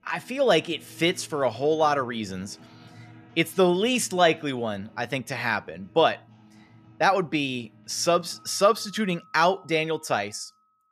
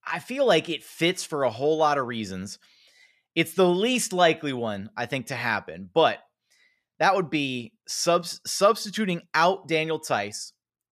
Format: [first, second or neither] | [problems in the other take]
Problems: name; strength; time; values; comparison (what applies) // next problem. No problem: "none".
second | background music; faint; throughout; 25 dB below the speech